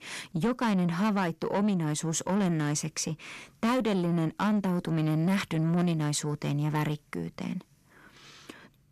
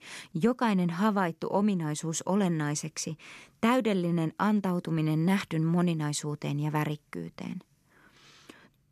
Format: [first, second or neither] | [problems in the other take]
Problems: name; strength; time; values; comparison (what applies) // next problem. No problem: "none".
second | distortion; slight; 10 dB below the speech